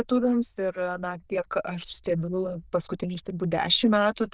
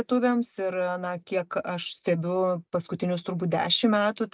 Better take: second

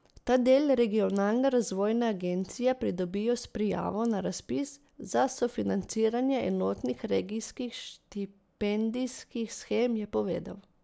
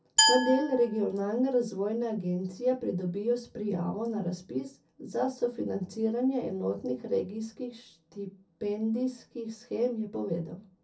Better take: first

